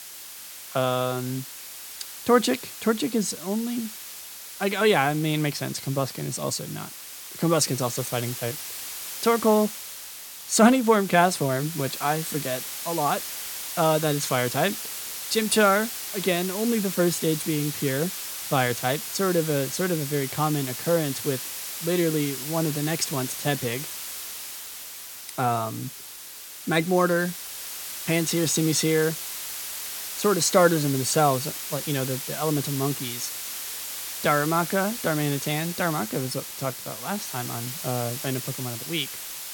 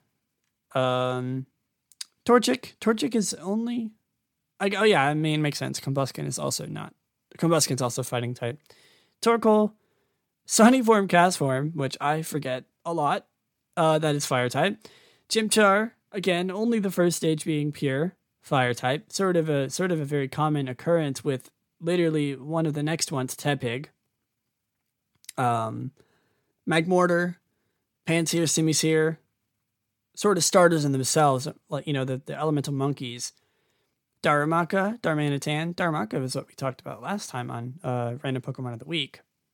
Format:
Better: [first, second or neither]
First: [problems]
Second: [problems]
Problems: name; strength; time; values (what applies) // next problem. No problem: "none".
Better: second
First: hiss; loud; throughout; 7 dB below the speech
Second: none